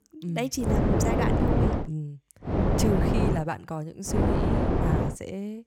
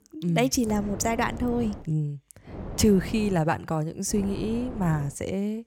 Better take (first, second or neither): second